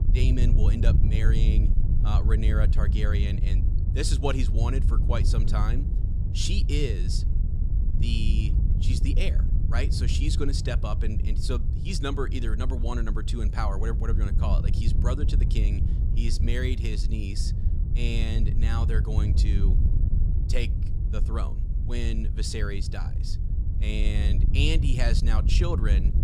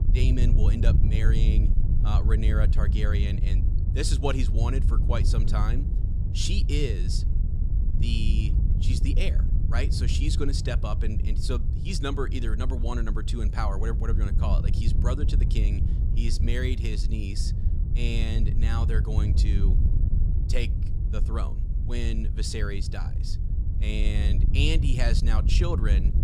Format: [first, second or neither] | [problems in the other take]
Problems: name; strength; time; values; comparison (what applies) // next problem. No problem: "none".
neither | wind noise on the microphone; heavy; 7 dB below the speech; the same in both